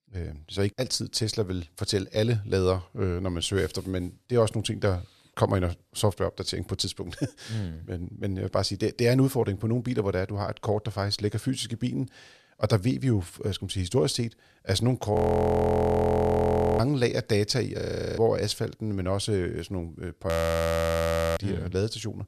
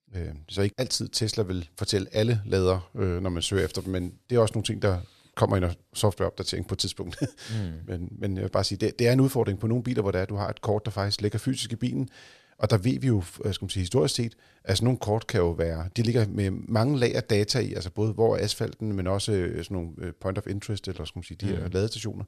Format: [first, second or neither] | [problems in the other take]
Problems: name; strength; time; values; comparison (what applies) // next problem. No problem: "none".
second | audio freezing; at 15 s for 1.5 s, at 18 s and at 20 s for 1 s